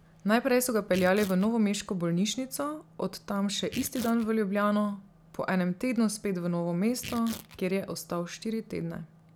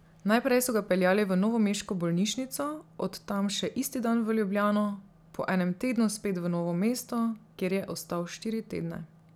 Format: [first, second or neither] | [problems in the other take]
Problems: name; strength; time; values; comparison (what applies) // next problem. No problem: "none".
second | background sound (Tearing); 19 dB below the speech